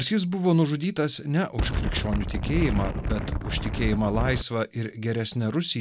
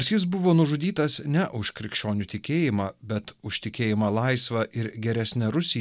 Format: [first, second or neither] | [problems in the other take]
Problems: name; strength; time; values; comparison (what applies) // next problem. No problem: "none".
second | background sound (Wind); 1 dB below the speech